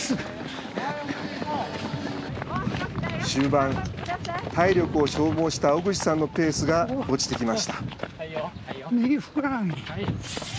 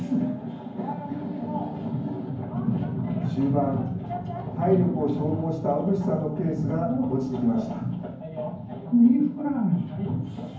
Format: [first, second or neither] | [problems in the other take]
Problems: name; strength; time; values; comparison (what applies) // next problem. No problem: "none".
first | room echo; dies away in 0.9 s